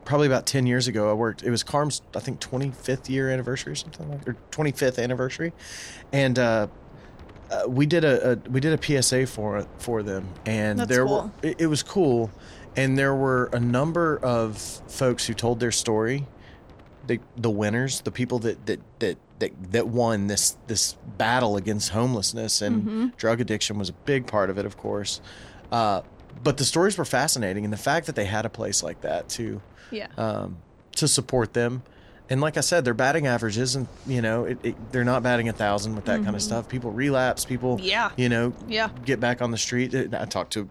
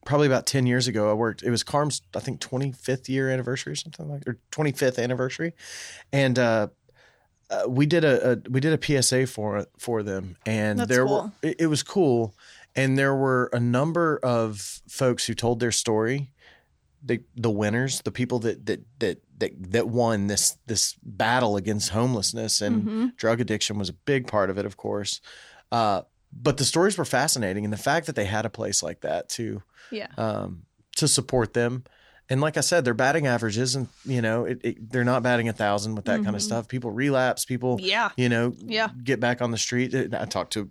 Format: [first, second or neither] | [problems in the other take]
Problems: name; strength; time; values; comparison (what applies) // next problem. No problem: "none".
second | wind noise on the microphone; occasional gusts; 25 dB below the speech